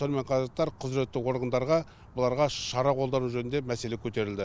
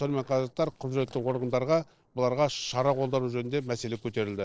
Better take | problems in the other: first | noise reduction (neural separator model SepFormer DNS4)

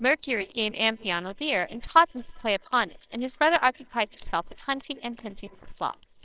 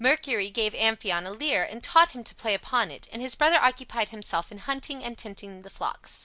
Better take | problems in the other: second | noise reduction (neural separator model SepFormer WHAMR!)

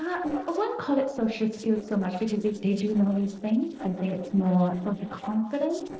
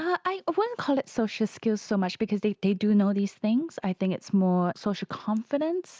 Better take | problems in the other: second | noise reduction (neural separator model SepFormer DNS4)

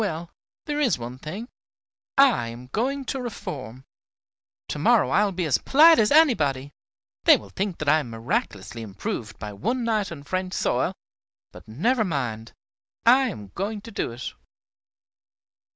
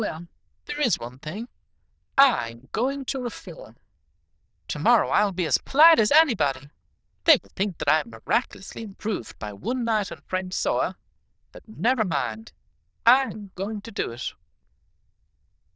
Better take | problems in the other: first | noise reduction (neural diffusion model UNIVERSE++)

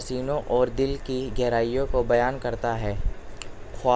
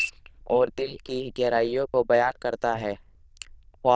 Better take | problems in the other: first | noise reduction (neural diffusion model UNIVERSE++)

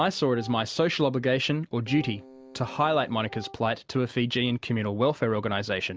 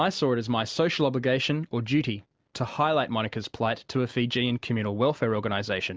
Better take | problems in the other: second | background sound (Keyboard (musical) + Wind instrument, woodwind instrument); 20 dB below the speech

